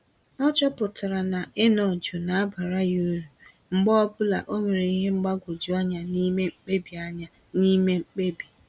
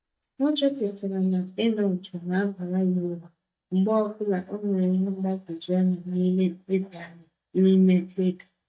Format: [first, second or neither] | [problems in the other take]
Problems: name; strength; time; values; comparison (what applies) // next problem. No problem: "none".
first | noise reduction (neural mask model DeepFilterNet 3)